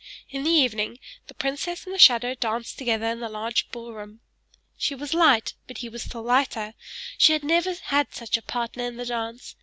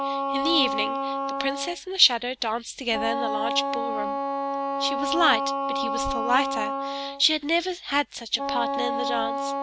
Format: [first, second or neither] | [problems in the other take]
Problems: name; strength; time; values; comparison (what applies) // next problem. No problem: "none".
first | background sound (Wind instrument, woodwind instrument); 1 dB below the speech